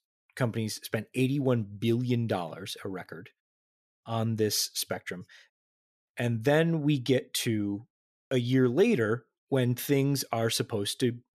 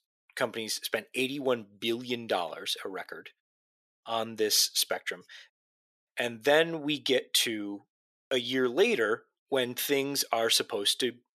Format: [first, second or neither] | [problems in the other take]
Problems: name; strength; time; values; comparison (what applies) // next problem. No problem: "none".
first | thin; somewhat; fading below 450 Hz